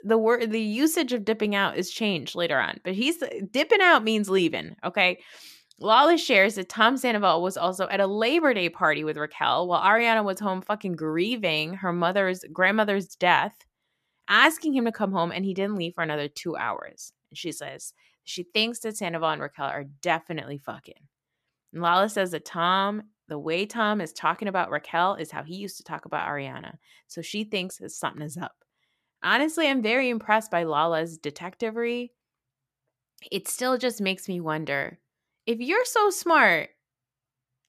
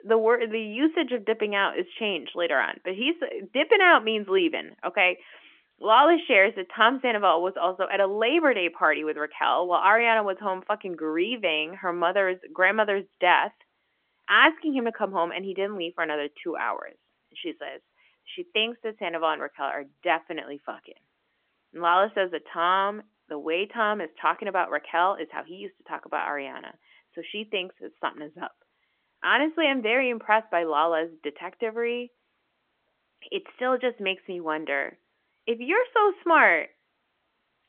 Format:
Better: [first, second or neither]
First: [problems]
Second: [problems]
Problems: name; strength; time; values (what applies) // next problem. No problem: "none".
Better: first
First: none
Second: phone-call audio; nothing above 3.5 kHz